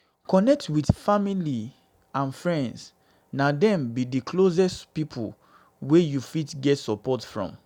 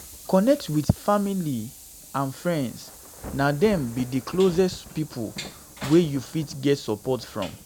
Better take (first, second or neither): first